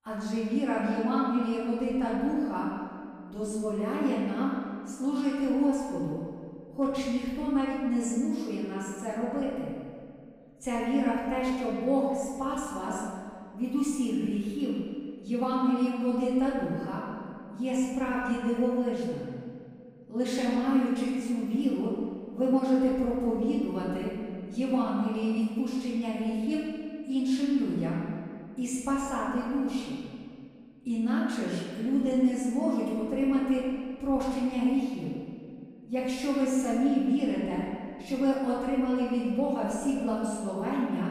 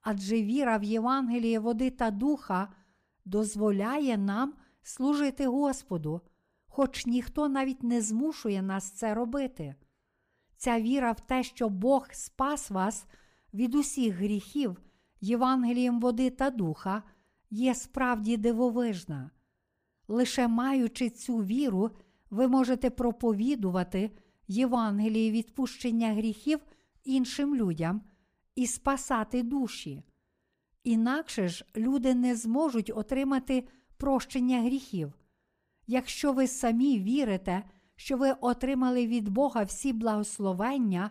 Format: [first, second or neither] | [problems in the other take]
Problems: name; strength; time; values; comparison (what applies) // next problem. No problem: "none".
second | off-mic speech; far // room echo; strong; dies away in 1.9 s